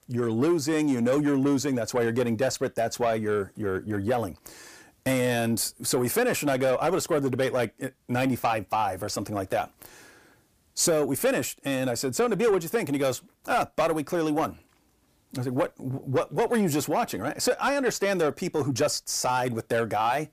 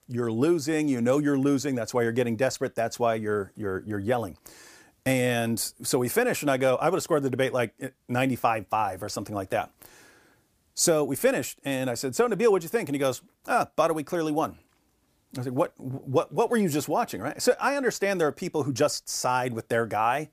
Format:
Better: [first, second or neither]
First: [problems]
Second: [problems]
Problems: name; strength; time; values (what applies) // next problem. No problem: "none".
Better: second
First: distortion; slight; 10 dB below the speech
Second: none